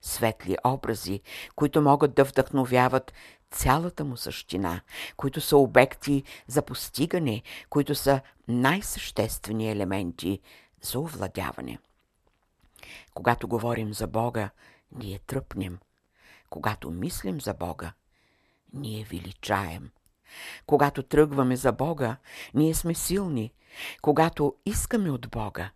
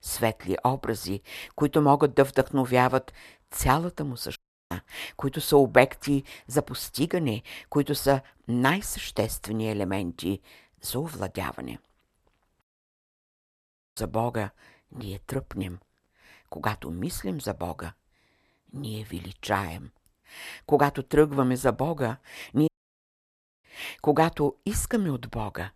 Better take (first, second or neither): first